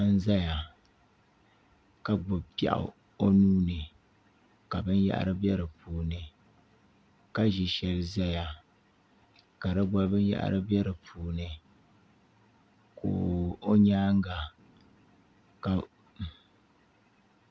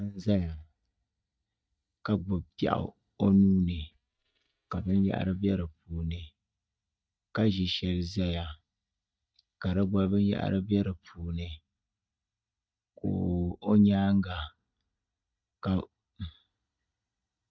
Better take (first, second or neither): first